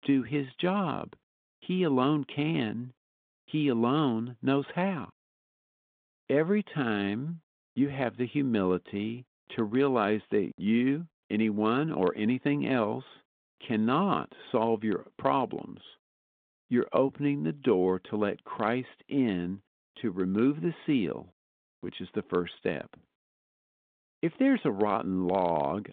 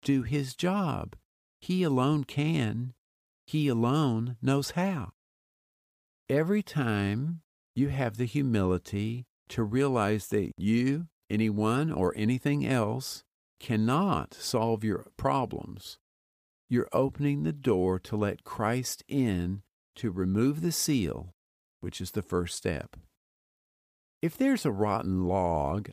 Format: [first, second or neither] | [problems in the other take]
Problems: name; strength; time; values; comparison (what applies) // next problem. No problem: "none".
second | phone-call audio; nothing above 3.5 kHz